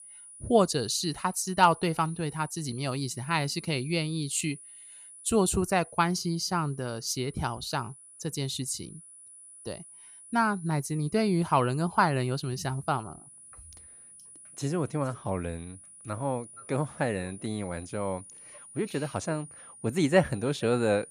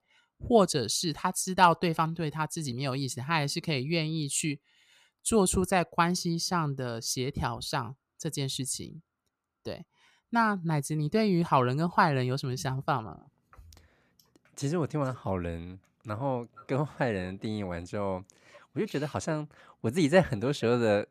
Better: second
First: high-pitched whine; noticeable; throughout; 10 kHz, 20 dB below the speech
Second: none

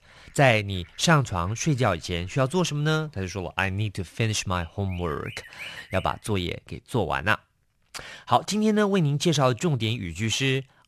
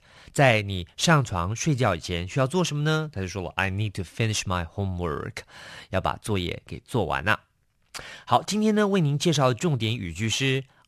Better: second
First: animal sounds; noticeable; until 6 s; 20 dB below the speech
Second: none

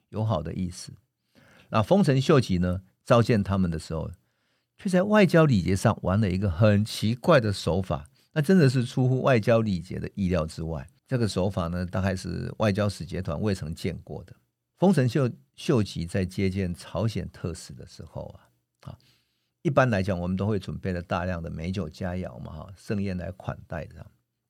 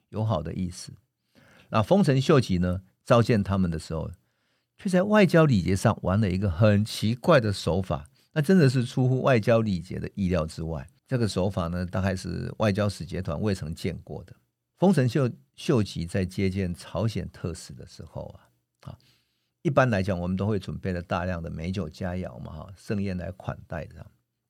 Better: neither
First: none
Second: none

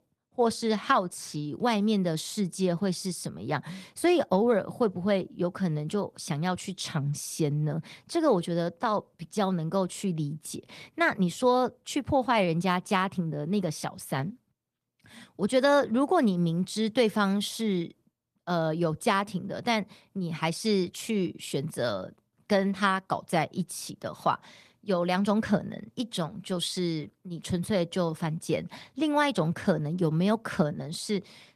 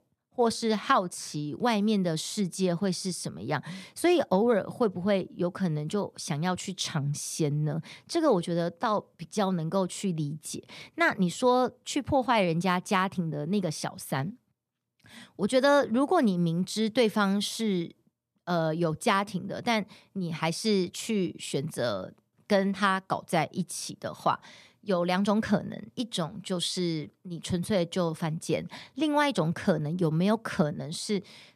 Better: second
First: garbled, watery; slightly; nothing above 14 kHz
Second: none

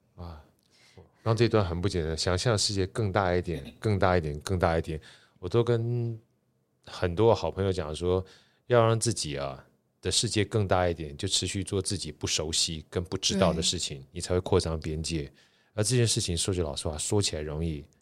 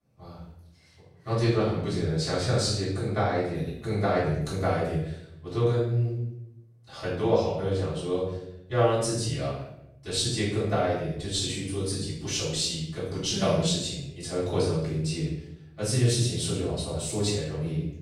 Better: first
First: none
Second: off-mic speech; far // room echo; noticeable; dies away in 0.7 s

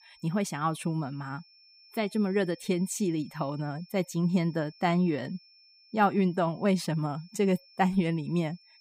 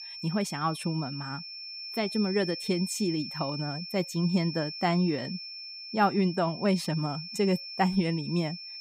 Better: first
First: high-pitched whine; faint; throughout; 5.5 kHz, 25 dB below the speech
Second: high-pitched whine; loud; throughout; 5.5 kHz, 9 dB below the speech

